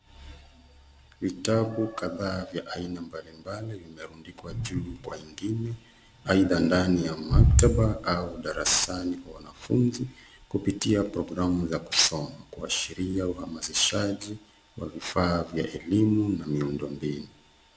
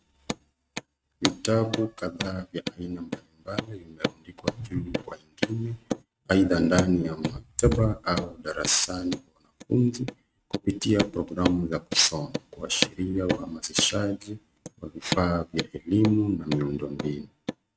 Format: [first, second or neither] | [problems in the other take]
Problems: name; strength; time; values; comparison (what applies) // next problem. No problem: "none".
first | noise reduction (neural mask model RNNoise)